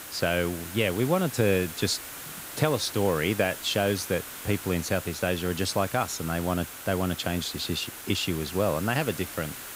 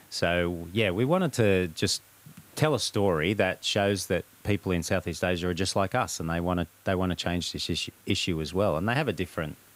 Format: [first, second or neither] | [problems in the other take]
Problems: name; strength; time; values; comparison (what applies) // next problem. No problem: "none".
second | hiss; loud; throughout; 10 dB below the speech; faint in the second